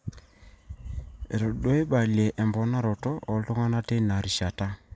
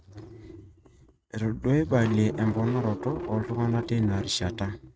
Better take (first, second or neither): first